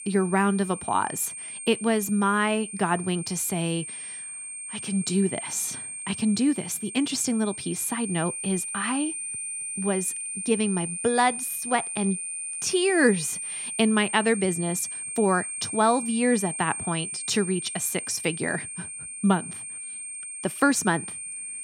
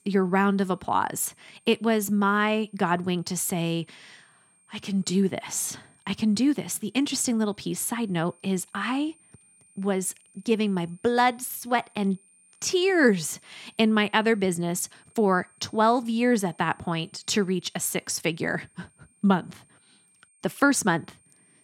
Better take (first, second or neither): second